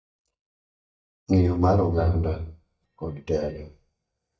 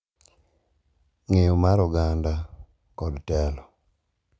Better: second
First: noise reduction (neural mask model DeepFilterNet 3)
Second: none

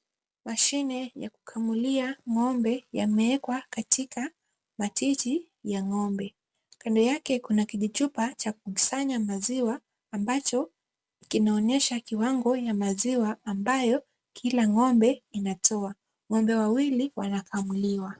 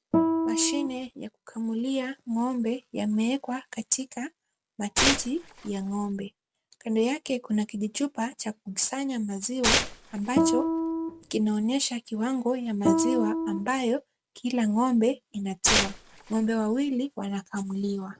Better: first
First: none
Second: background sound (Tearing + Guitar); 2 dB above the speech

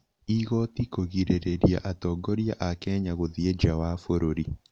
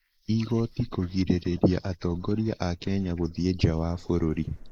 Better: first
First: none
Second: noise reduction (neural mask model Resemble Enhance denoiser)

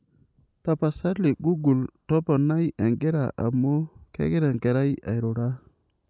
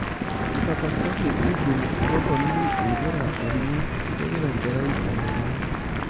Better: first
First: none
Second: background sound (Applause + Thunder); 3 dB above the speech

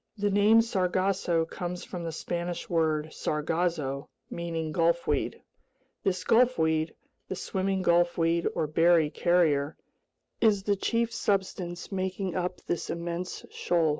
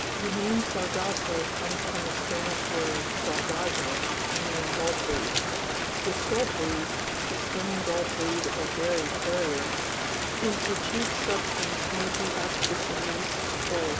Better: first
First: none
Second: background sound (Rain); 4 dB above the speech

